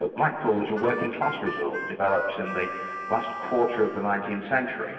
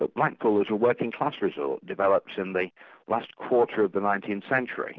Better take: second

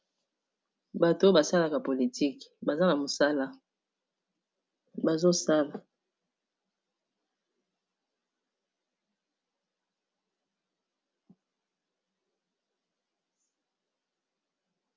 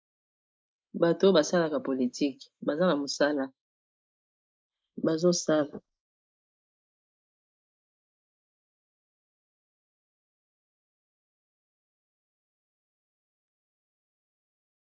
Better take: first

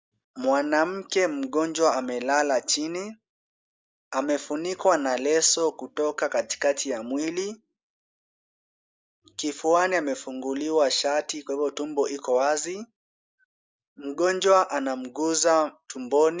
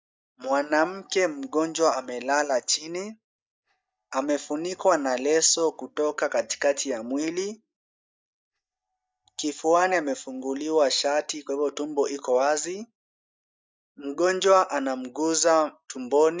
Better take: first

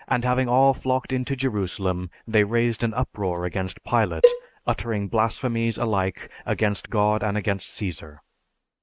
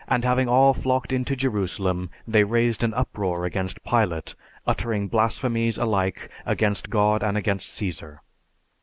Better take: second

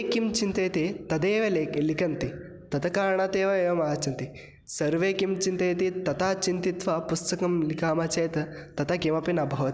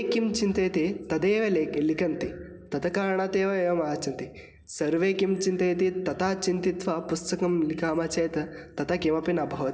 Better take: first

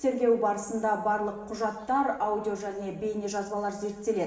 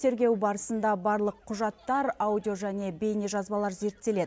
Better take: second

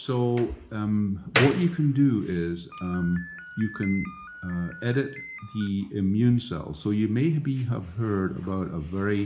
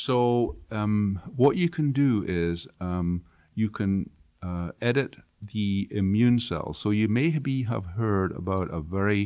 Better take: second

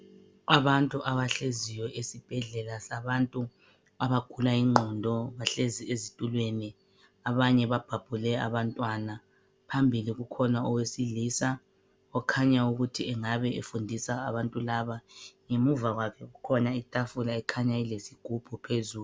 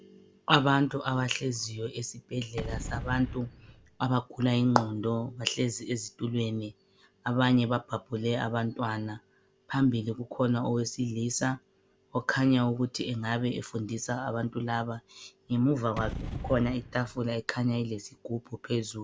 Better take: first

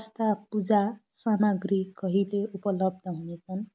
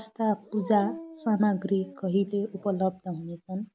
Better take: first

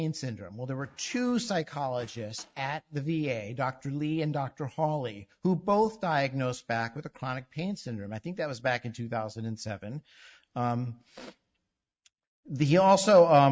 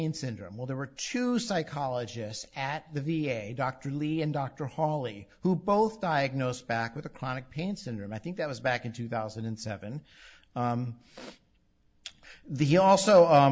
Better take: second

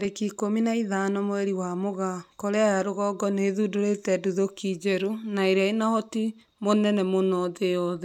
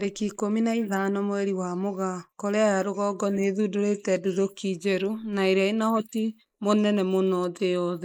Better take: first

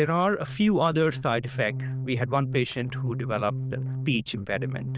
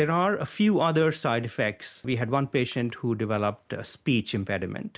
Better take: second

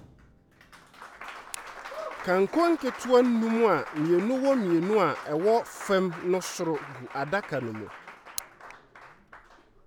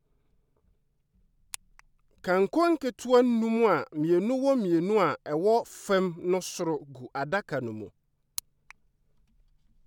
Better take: second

